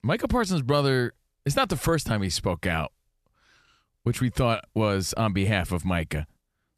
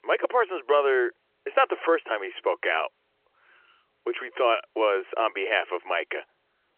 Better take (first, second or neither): first